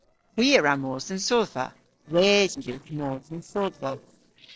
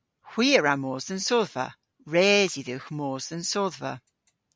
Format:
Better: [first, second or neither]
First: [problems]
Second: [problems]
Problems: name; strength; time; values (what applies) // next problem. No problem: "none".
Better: second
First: noise reduction (neural separator model SepFormer DNS4)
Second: none